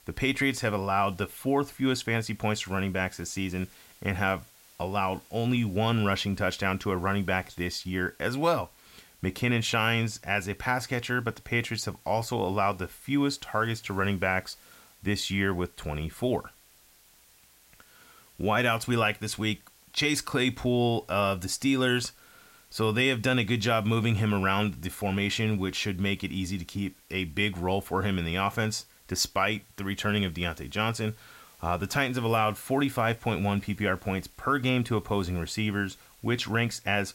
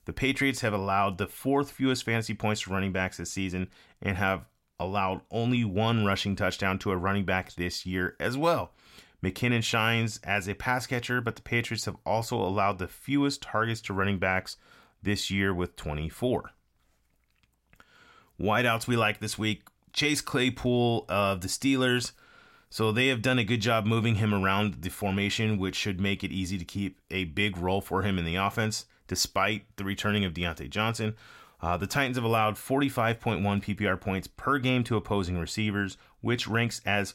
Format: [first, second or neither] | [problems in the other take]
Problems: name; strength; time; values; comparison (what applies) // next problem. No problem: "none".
second | hiss; faint; throughout; 25 dB below the speech